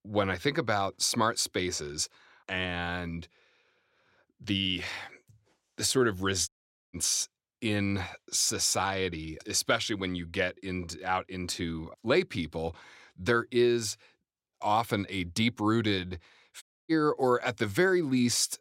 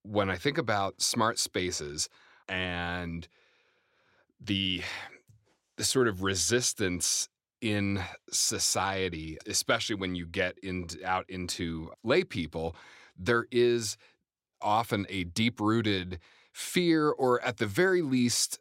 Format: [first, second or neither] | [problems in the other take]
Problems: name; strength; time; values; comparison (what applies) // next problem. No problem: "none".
second | audio cutting out; at 6.5 s and at 17 s